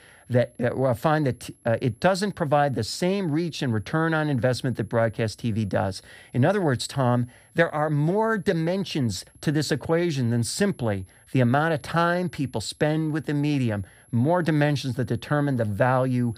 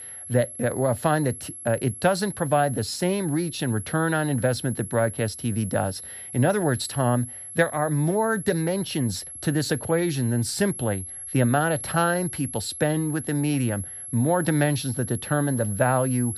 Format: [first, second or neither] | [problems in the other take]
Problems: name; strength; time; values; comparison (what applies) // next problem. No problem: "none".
first | high-pitched whine; loud; throughout; 11 kHz, 10 dB below the speech; faint in the first